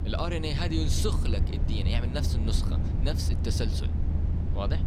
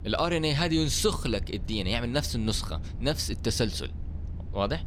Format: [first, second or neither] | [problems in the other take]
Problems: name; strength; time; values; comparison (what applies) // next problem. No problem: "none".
second | low rumble; loud; throughout; 7 dB below the speech; faint in the second